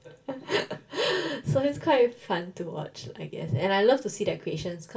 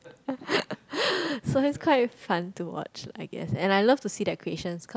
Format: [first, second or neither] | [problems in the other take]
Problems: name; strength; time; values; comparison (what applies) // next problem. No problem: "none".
second | room echo; dies away in 0.2 s